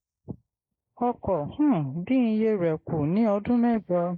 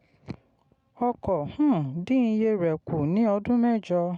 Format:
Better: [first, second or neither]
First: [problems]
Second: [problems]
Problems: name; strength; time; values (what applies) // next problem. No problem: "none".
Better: second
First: noise reduction (neural mask model Resemble Enhance denoiser)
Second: none